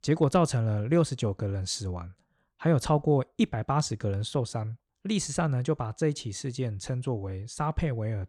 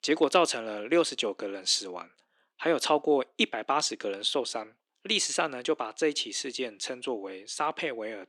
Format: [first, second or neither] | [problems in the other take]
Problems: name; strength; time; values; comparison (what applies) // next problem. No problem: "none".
first | thin; somewhat; fading below 300 Hz